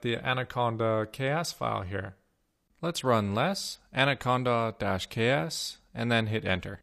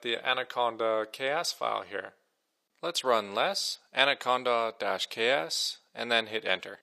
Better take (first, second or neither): first